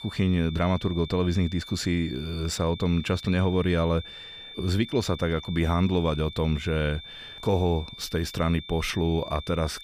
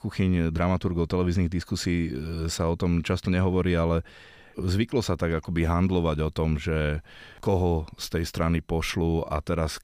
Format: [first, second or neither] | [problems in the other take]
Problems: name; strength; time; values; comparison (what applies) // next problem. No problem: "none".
second | high-pitched whine; noticeable; throughout; 3.5 kHz, 15 dB below the speech